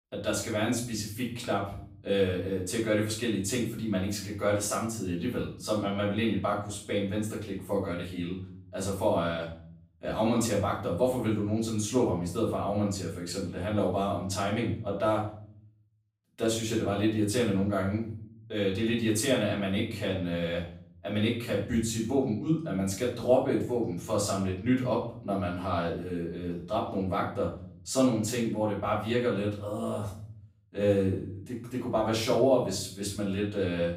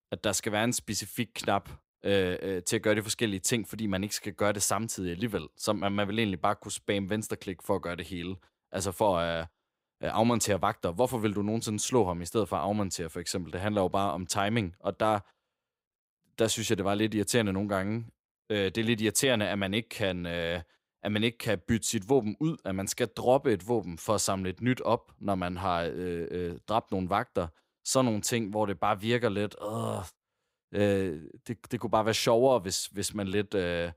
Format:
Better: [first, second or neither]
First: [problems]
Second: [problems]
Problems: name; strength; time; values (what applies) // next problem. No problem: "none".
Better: second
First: off-mic speech; far // room echo; noticeable; dies away in 0.6 s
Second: none